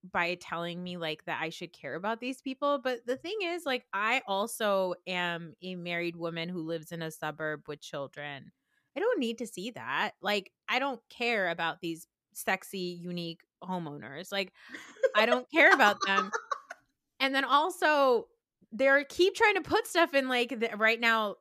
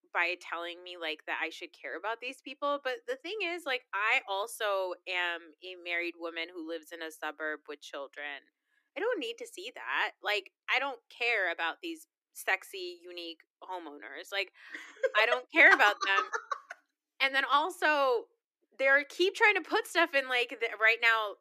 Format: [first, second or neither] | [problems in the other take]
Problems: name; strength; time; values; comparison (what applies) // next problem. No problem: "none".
first | thin; somewhat; fading below 300 Hz